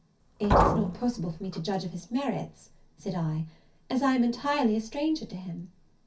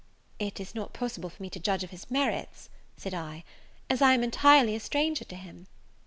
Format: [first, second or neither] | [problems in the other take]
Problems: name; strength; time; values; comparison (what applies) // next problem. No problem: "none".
second | background sound (Liquid); 1 dB above the speech // room echo; dies away in 0.3 s